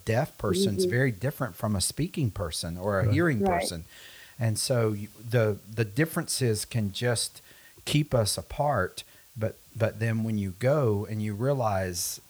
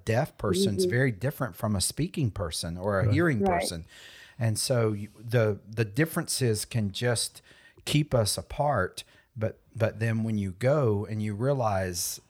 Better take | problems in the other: second | hiss; faint; throughout; 25 dB below the speech

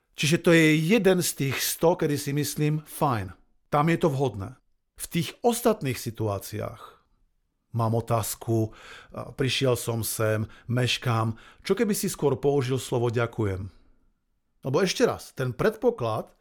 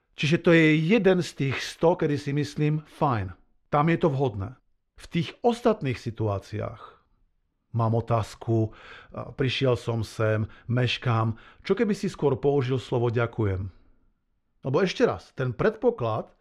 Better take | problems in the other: first | muffled; slightly; fading above 3.5 kHz

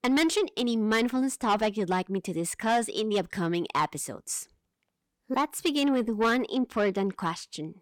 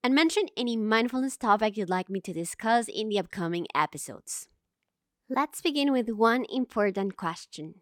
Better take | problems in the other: second | distortion; slight; 10 dB below the speech

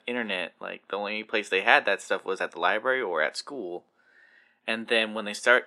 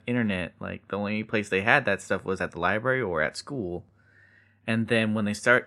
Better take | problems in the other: second | thin; somewhat; fading below 300 Hz

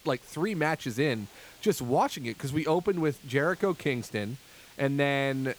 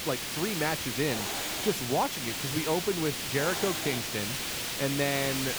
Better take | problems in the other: first | hiss; loud; throughout; as loud as the speech; faint in the first

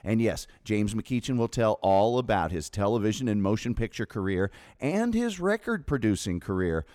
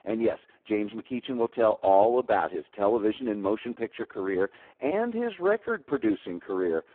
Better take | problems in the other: first | phone-call audio; poor line

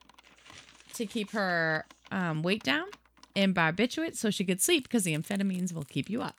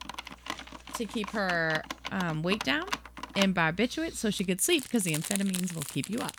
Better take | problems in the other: first | household noises; loud; throughout; 8 dB below the speech; faint in the first

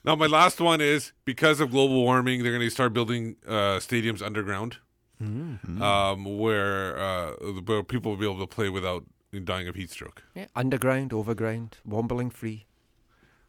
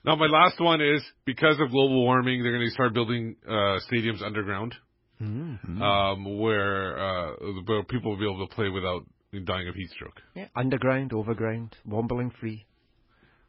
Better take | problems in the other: first | garbled, watery; badly; nothing above 5.5 kHz

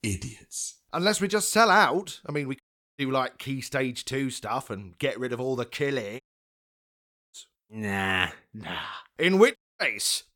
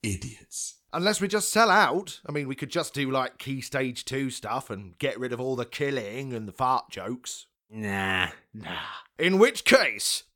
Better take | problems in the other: second | audio cutting out; at 2.5 s, at 6 s for 1 s and at 9.5 s

